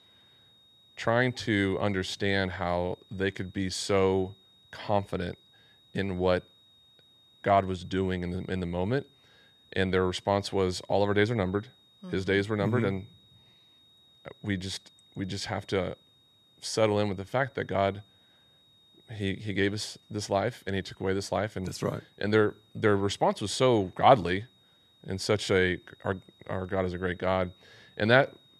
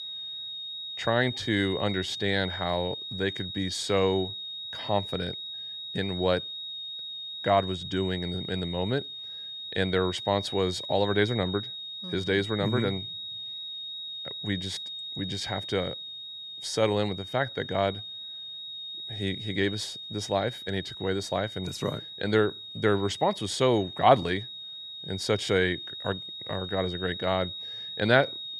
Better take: first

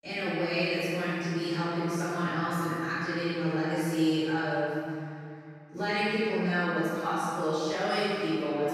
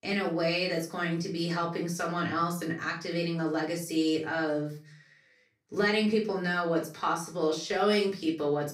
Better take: second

